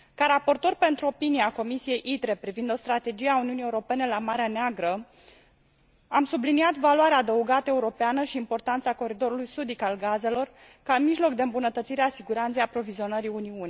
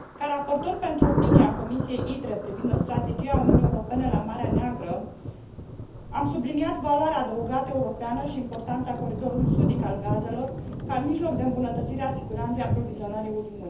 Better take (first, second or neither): first